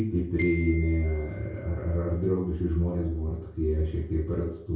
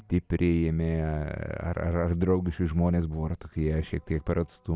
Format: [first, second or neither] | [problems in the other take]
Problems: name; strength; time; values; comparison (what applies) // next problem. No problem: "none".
second | background sound (Glockenspiel); 18 dB below the speech // room echo; dies away in 0.6 s